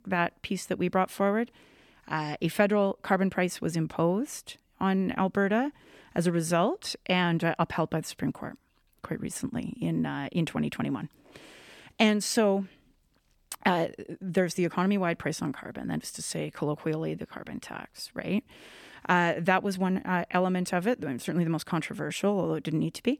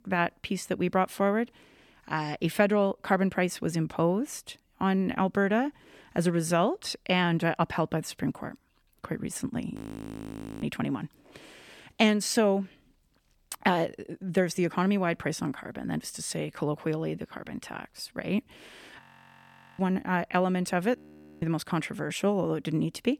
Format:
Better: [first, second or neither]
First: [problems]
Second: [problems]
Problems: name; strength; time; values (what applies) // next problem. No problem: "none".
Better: first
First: none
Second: audio freezing; at 10 s for 1 s, at 19 s for 1 s and at 21 s